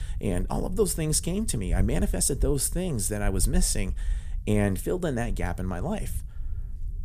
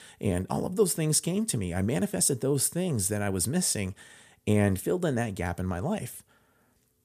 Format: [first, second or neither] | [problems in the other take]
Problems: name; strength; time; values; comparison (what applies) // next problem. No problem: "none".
second | low rumble; faint; throughout; 25 dB below the speech